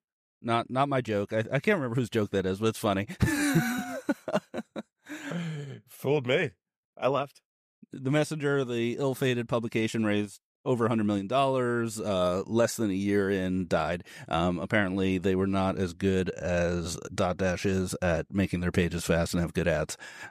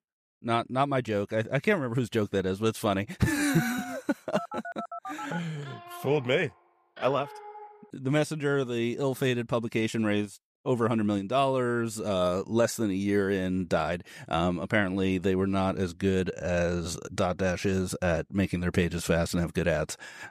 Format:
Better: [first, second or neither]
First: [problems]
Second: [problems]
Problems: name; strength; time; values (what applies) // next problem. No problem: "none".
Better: first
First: none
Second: phone ringing; faint; from 4.5 to 8 s; peak 10 dB below the speech